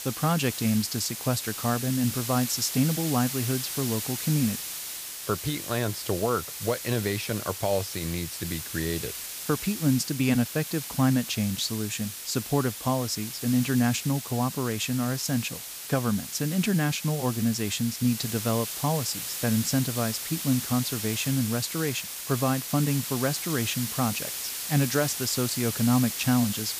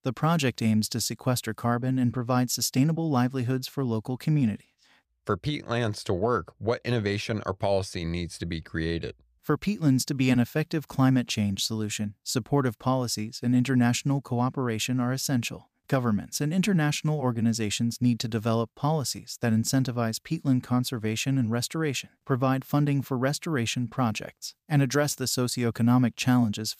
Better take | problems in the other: second | hiss; loud; throughout; 5 dB below the speech

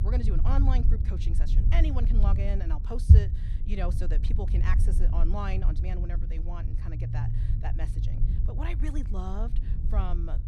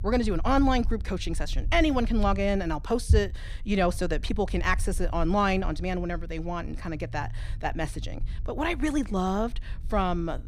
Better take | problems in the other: second | low rumble; loud; throughout; 4 dB below the speech; faint in the second

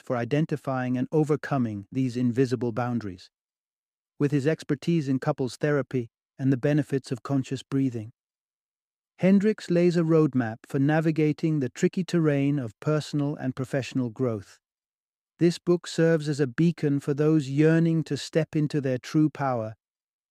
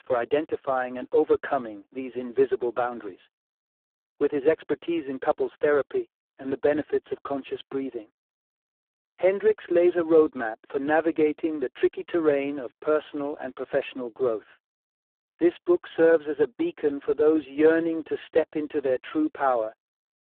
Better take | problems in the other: first | phone-call audio; poor line

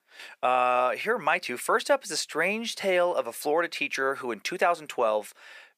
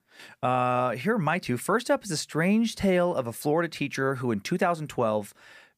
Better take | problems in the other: second | thin; somewhat; fading below 500 Hz

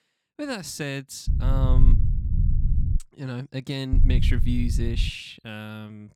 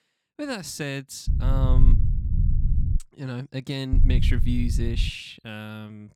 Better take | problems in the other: neither | low rumble; loud; from 1.5 to 3 s and from 4 to 5 s; 7 dB below the speech; the same in both

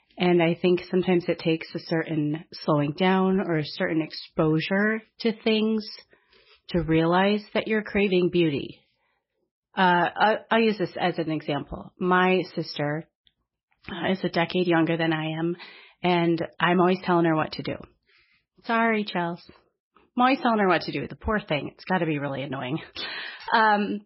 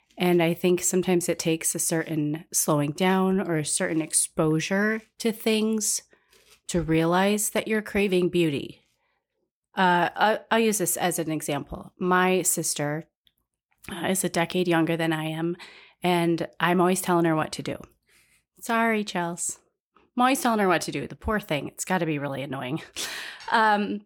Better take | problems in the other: second | garbled, watery; badly; nothing above 5.5 kHz

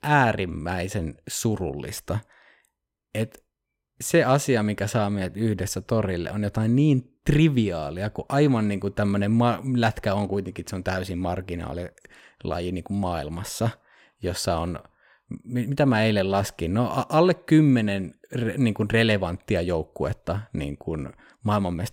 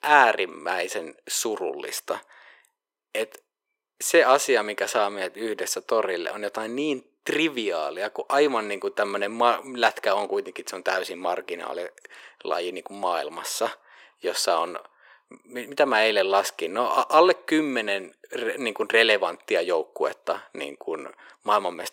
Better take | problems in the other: first | thin; very; fading below 400 Hz

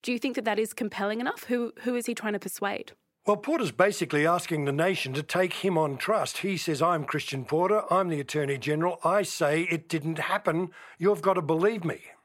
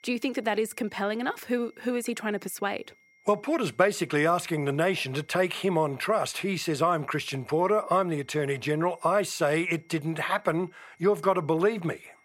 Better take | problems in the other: first | high-pitched whine; faint; throughout; 2 kHz, 35 dB below the speech

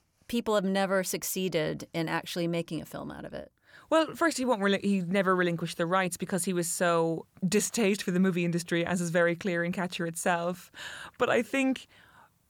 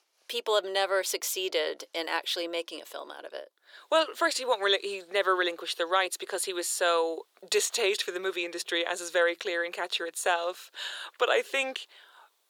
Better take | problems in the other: first | thin; very; fading below 400 Hz

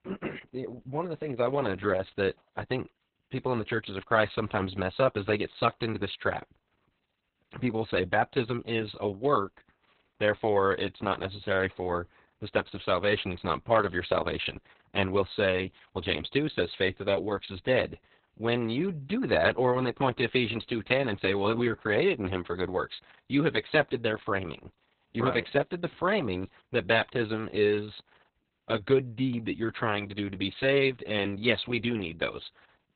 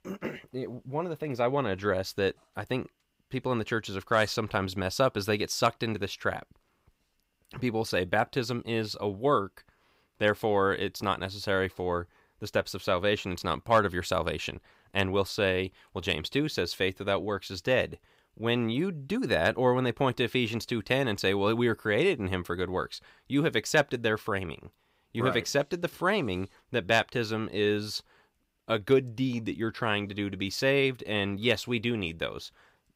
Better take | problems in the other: second | garbled, watery; badly; nothing above 4 kHz

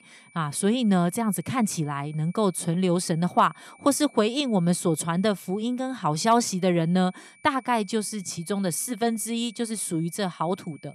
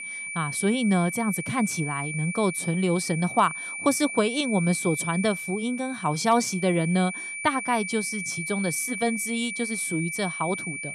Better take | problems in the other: first | high-pitched whine; loud; throughout; 2.5 kHz, 6 dB below the speech; faint in the first

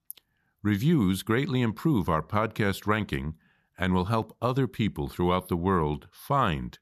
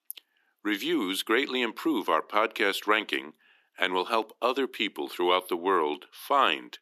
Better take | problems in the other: first | thin; somewhat; fading below 300 Hz

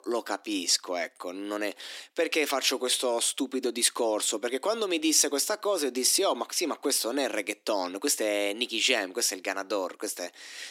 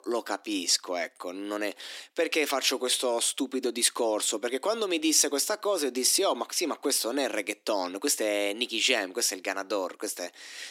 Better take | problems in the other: neither | thin; somewhat; fading below 300 Hz; the same in both

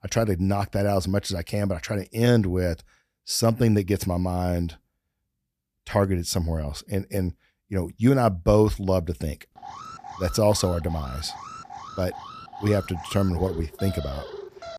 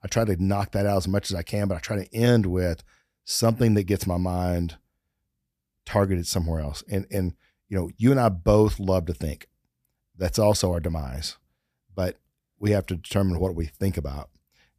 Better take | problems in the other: second | alarm; faint; from 9.5 s on; peak 10 dB below the speech

